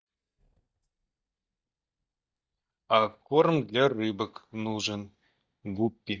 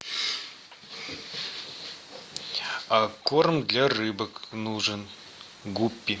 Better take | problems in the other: second | noise reduction (neural mask model DeepFilterNet 3)

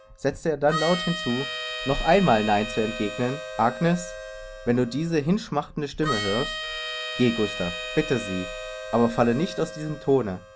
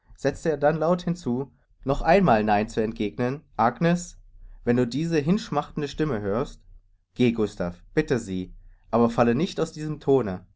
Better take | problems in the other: second | background sound (Harmonica); 9 dB below the speech

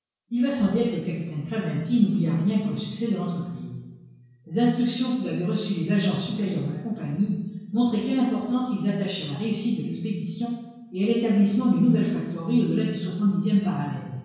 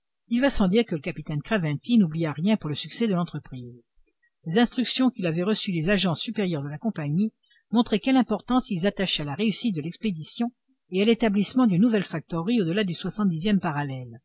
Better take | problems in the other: second | room echo; dies away in 1 s

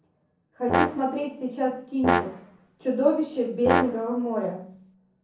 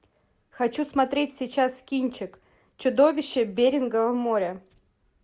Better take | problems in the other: second | background sound (Brass instrument); 2 dB below the speech // room echo; dies away in 0.5 s

